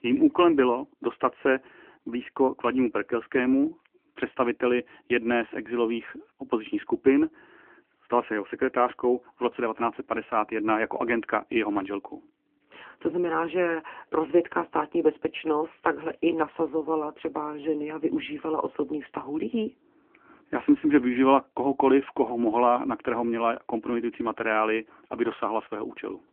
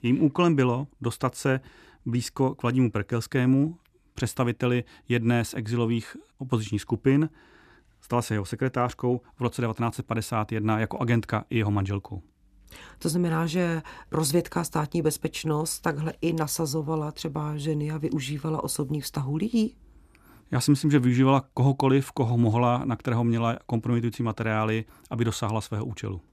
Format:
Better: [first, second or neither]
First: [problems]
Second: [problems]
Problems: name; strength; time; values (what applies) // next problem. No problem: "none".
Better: second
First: phone-call audio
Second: none